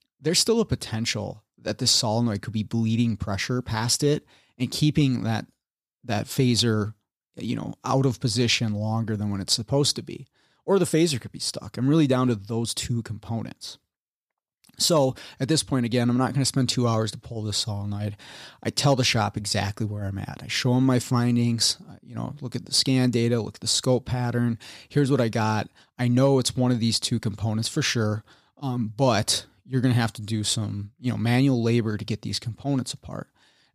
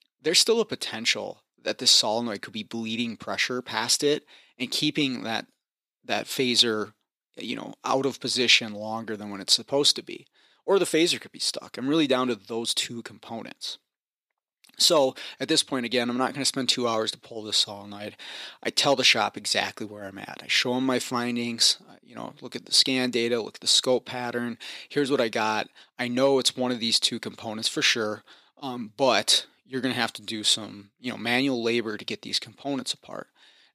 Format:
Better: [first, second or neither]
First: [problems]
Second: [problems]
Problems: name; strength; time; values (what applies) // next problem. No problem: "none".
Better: first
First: none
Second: thin; somewhat; fading below 350 Hz